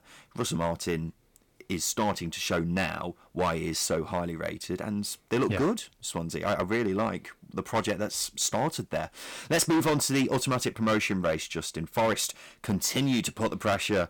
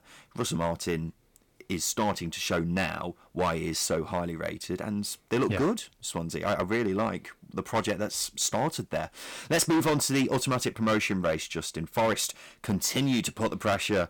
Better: neither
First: distortion; heavy; 6% of the sound clipped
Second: distortion; heavy; 6% of the sound clipped

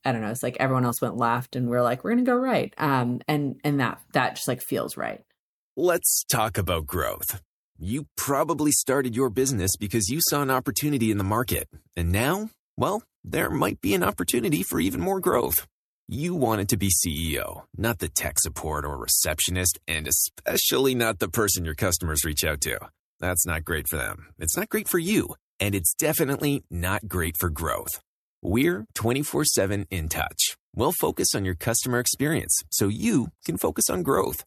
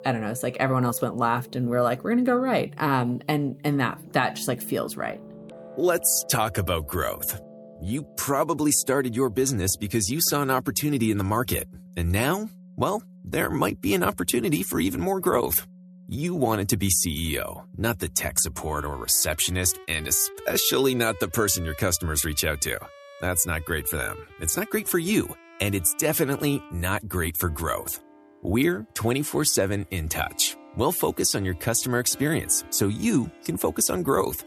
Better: first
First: none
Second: background music; faint; throughout; 20 dB below the speech

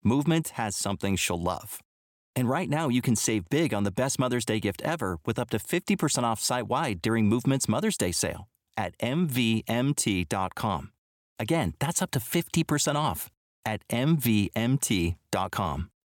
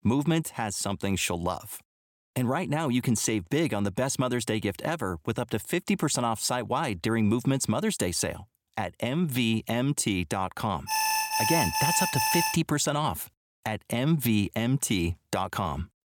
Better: first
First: none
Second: alarm; loud; from 11 to 13 s; peak 3 dB above the speech

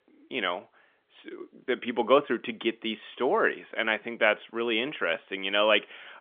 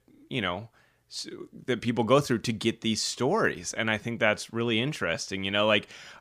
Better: second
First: phone-call audio; nothing above 3.5 kHz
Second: none

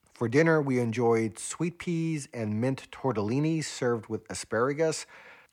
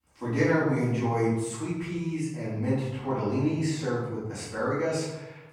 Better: first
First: none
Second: off-mic speech; far // room echo; strong; dies away in 1 s

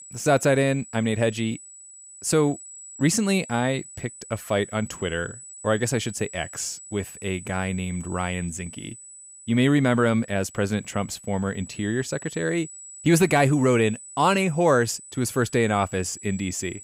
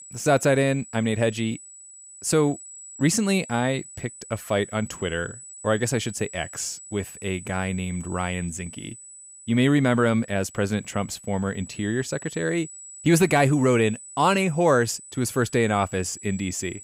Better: neither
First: high-pitched whine; noticeable; throughout; 8 kHz, 15 dB below the speech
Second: high-pitched whine; noticeable; throughout; 8 kHz, 15 dB below the speech

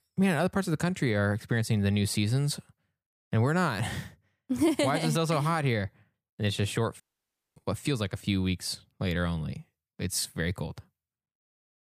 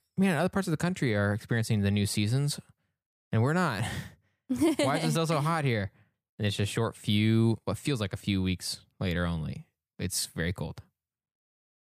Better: second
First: audio cutting out; at 7 s for 0.5 s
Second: none

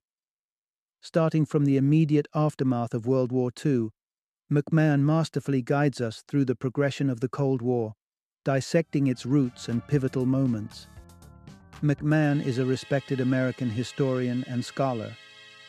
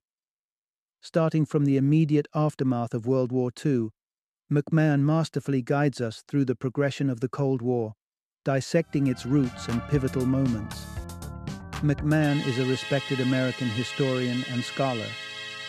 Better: first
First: background music; faint; from 9.5 s on; 20 dB below the speech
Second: background music; loud; from 9.5 s on; 9 dB below the speech

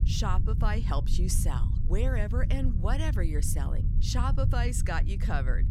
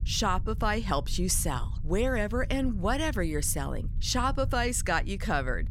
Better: second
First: low rumble; loud; throughout; 9 dB below the speech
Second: low rumble; faint; throughout; 25 dB below the speech

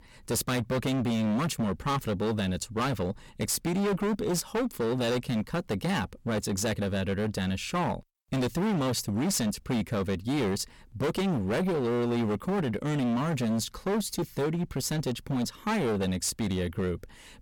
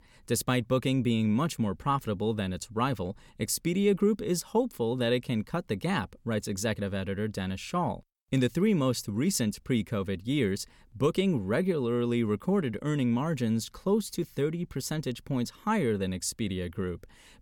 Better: second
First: distortion; heavy; 25% of the sound clipped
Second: none

